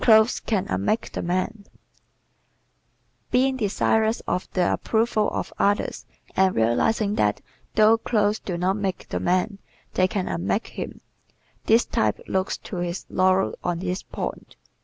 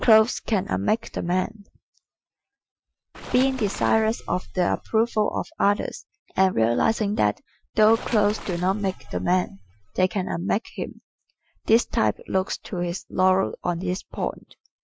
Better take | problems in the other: first | noise reduction (classical method Wiener filter)

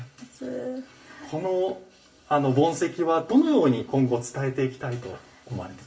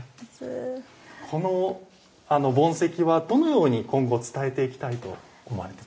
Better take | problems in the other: second | room echo; dies away in 0.2 s

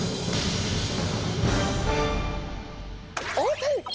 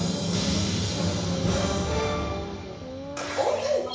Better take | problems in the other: first | background sound (Brass instrument); 11 dB below the speech // room echo; dies away in 0.7 s

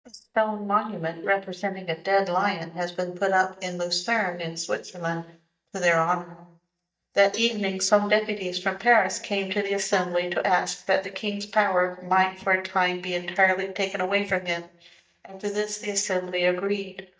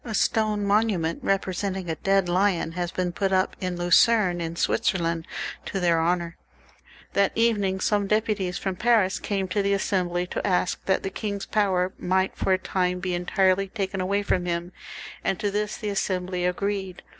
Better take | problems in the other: second | noise reduction (neural mask model DeepFilterNet 3)

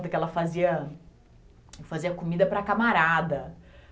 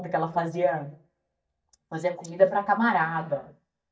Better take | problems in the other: first | noise reduction (neural mask model DeepFilterNet 3)

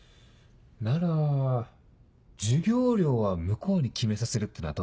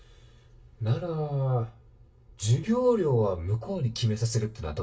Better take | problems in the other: first | room echo; dies away in 0.2 s

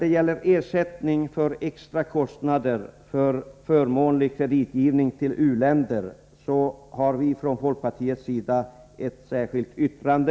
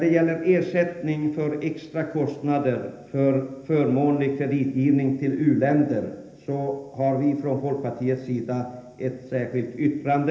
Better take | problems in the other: first | room echo; dies away in 0.8 s

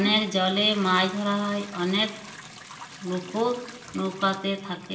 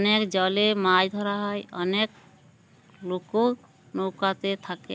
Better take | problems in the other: second | background sound (Trickle, dribble / Toilet flush / Hiss); 16 dB below the speech // room echo; dies away in 0.8 s

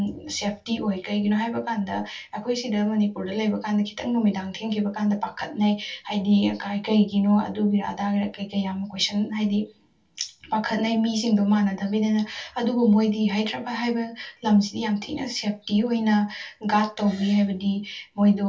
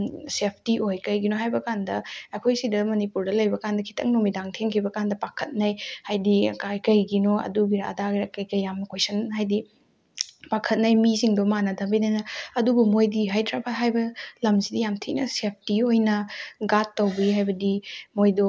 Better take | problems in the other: second | room echo; dies away in 0.2 s

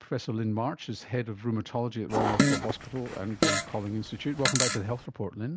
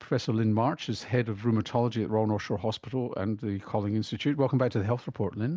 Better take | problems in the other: second | background sound (Fart); 3 dB above the speech

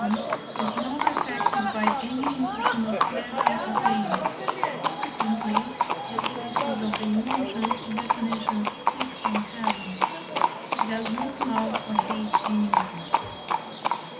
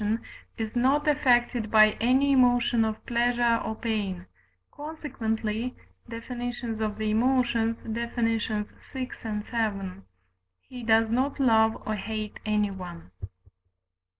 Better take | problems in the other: second | background sound (Livestock, farm animals, working animals); 4 dB above the speech // room echo; dies away in 0.4 s

